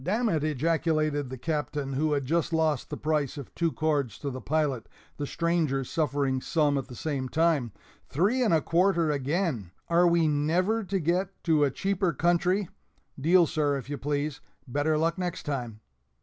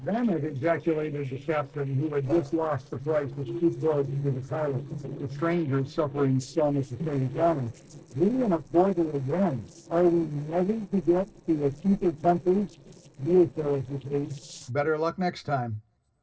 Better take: first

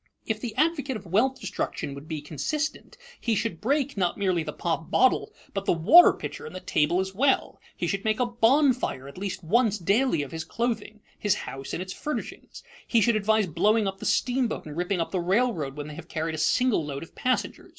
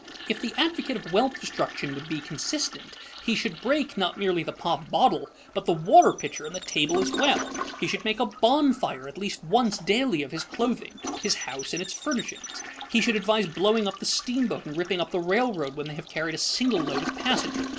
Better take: first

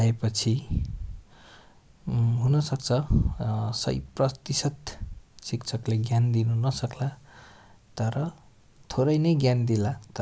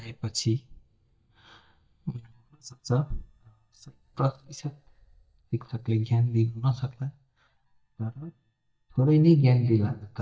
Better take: first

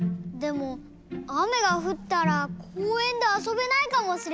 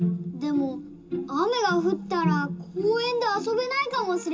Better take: first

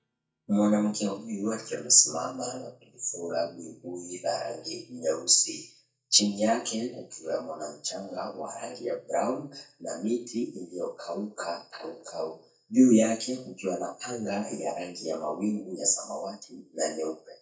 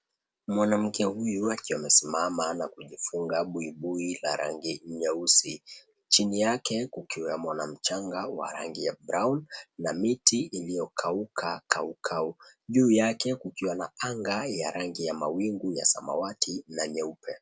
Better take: second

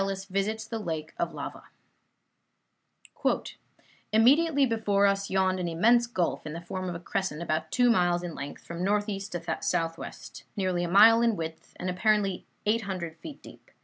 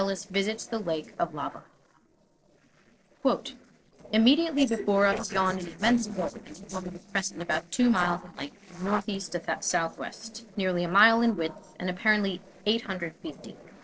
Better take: first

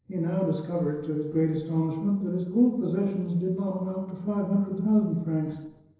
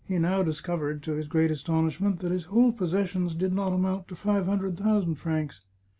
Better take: second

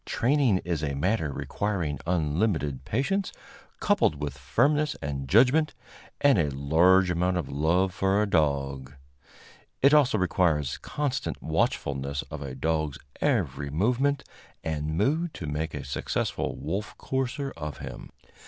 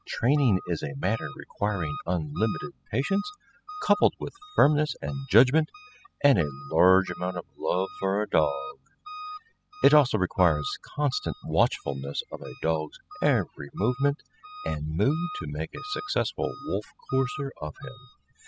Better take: first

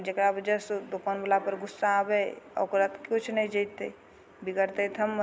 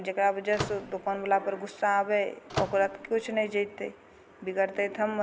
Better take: first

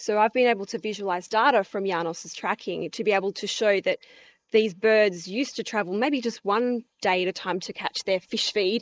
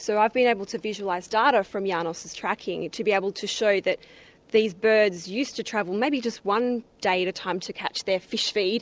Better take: second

